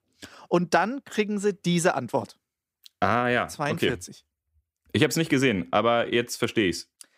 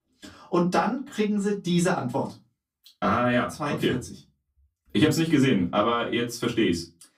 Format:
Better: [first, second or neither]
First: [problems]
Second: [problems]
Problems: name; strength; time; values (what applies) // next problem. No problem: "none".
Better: first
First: none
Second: off-mic speech; far // room echo; very slight; dies away in 0.2 s